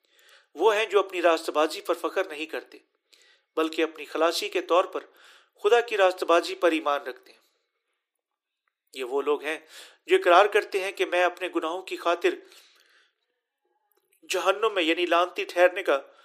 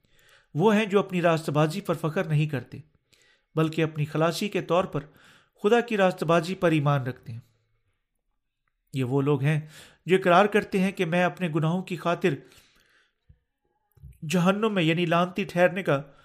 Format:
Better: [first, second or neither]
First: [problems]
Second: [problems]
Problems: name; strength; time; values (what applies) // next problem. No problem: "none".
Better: second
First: thin; very; fading below 350 Hz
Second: none